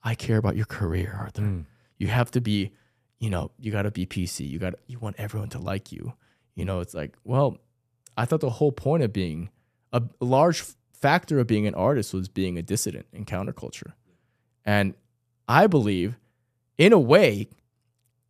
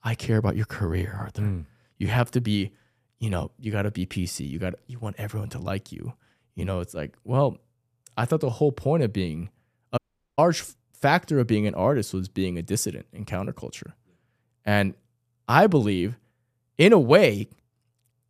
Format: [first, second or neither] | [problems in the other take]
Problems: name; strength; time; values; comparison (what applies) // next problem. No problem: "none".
first | audio cutting out; at 10 s